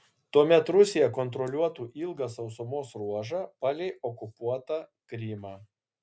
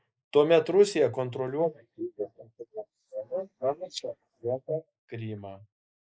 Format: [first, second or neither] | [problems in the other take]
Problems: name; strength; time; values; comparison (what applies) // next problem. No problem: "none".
first | noise reduction (neural mask model Resemble Enhance denoiser)